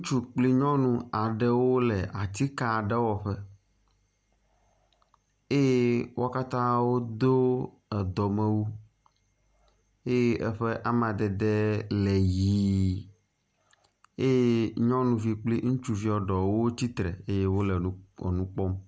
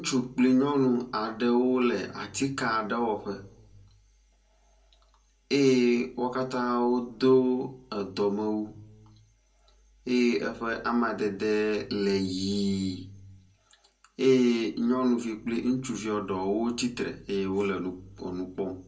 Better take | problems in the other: first | room echo; dies away in 0.2 s

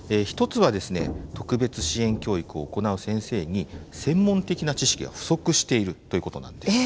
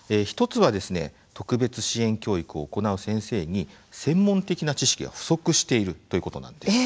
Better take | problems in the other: second | background sound (Thunder / Rain); 15 dB below the speech

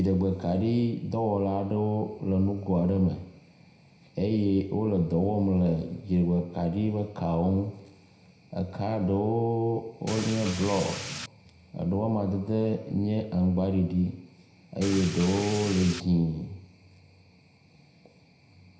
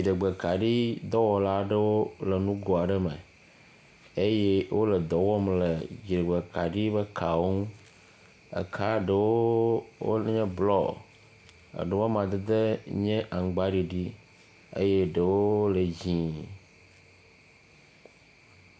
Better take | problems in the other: second | background sound (Rain); 9 dB below the speech // room echo; dies away in 0.8 s

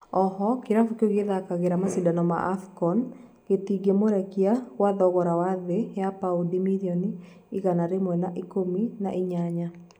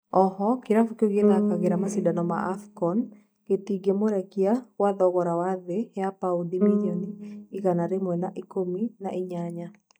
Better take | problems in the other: first | noise reduction (neural mask model DeepFilterNet 3)

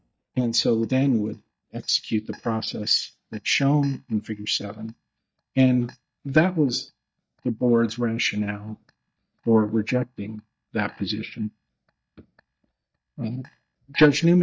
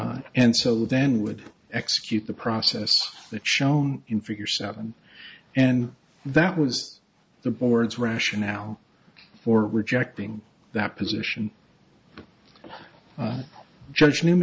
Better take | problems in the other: second | noise reduction (neural mask model DeepFilterNet 3)

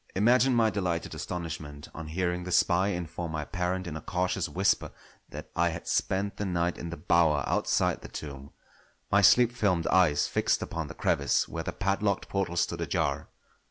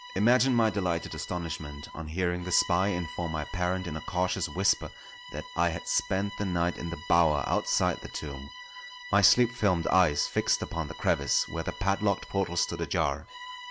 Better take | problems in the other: first | background sound (Bowed string instrument); 16 dB below the speech

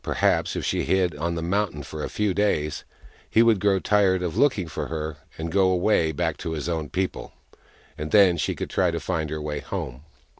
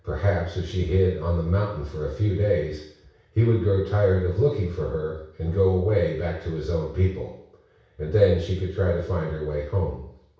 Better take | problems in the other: first | room echo; dies away in 0.6 s

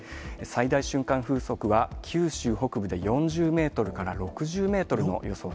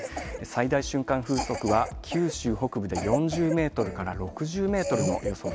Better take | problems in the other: first | background sound (Cough); 8 dB below the speech

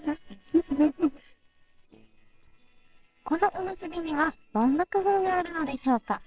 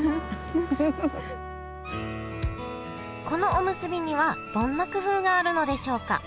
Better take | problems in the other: second | noise reduction (neural separator model SepFormer WHAMR!)

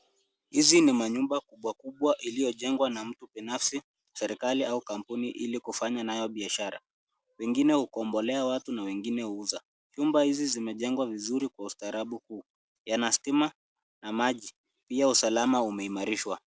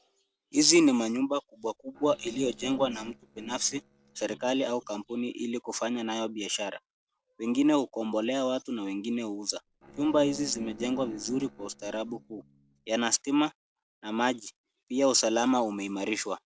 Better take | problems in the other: first | noise reduction (neural separator model SepFormer DNS4)

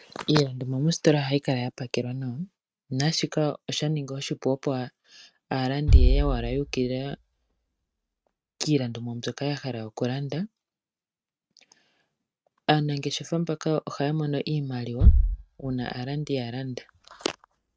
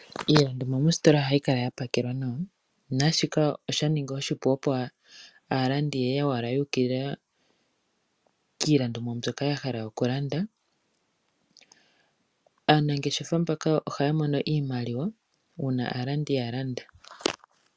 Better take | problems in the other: second | noise reduction (neural mask model RNNoise)

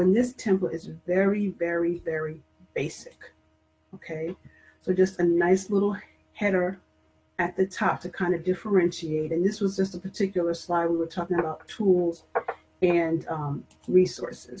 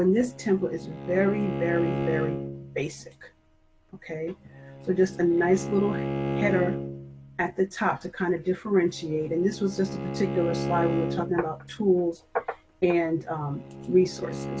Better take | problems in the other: first | background sound (Bowed string instrument); 7 dB below the speech

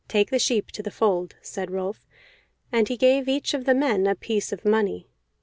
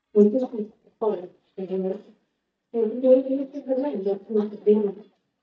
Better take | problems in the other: first | noise reduction (neural mask model DeepFilterNet 3)

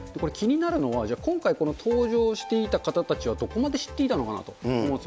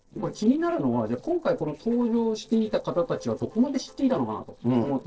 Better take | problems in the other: first | noise reduction (neural separator model SepFormer DNS4)

